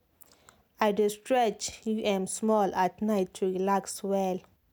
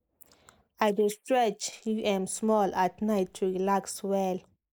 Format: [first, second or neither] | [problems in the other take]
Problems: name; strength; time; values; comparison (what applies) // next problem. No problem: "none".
first | noise reduction (neural mask model Resemble Enhance denoiser)